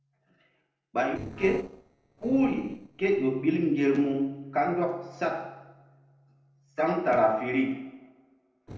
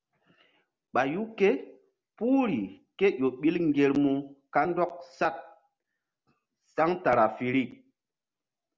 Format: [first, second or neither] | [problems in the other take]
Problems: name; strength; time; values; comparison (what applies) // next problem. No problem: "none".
second | noise reduction (neural separator model SepFormer DNS4)